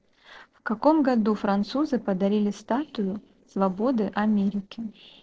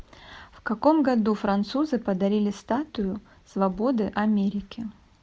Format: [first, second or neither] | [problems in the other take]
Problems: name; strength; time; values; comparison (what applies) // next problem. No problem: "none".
second | noise reduction (neural separator model SepFormer DNS4)